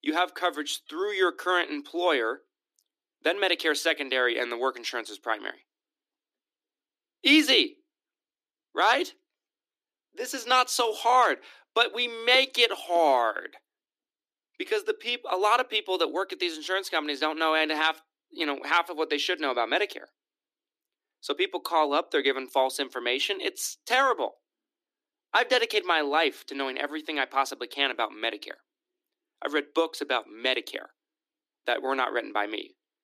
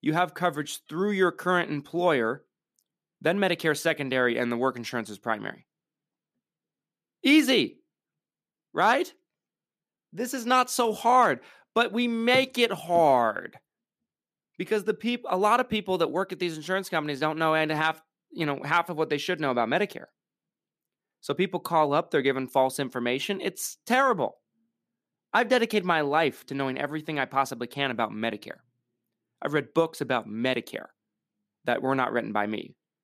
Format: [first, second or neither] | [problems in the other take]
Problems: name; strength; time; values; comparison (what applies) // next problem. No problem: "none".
second | thin; very slightly; fading below 300 Hz